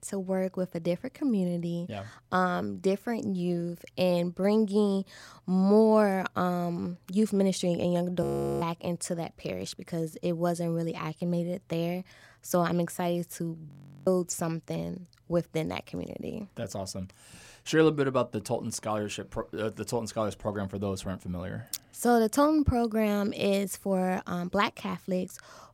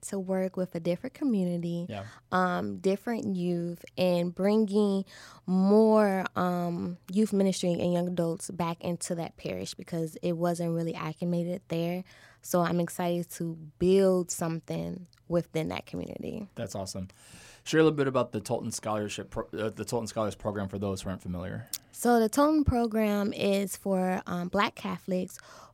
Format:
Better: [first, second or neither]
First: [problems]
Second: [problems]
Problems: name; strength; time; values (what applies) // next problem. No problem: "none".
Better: second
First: audio freezing; at 8 s and at 14 s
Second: none